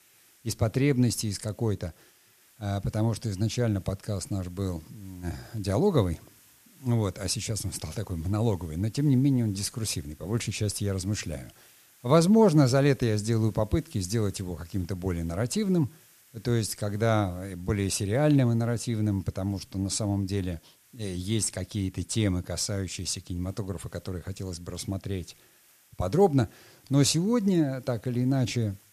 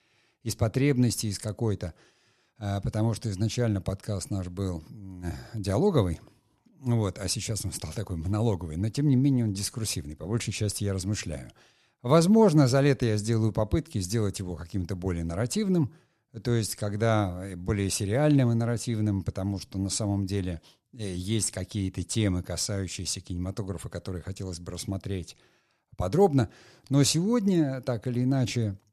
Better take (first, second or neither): second